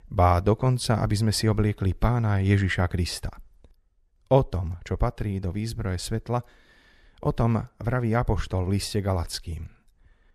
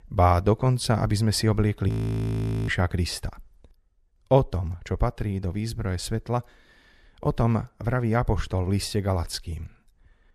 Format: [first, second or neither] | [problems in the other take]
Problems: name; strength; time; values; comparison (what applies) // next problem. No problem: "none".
first | audio freezing; at 2 s for 1 s